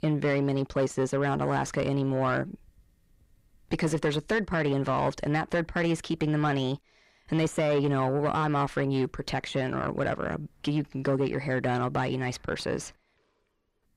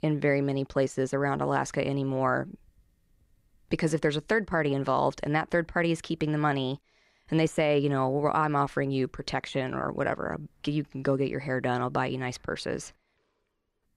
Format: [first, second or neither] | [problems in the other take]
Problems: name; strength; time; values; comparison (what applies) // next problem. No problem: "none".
second | distortion; slight; 10 dB below the speech